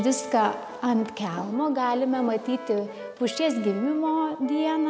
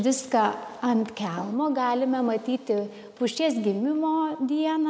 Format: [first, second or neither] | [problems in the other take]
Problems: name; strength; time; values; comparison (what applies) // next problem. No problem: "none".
second | background sound (Brass instrument); 14 dB below the speech